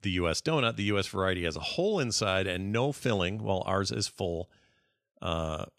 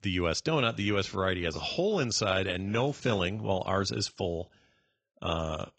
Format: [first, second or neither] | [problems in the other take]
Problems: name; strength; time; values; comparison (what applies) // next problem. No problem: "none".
first | garbled, watery; badly; nothing above 7.5 kHz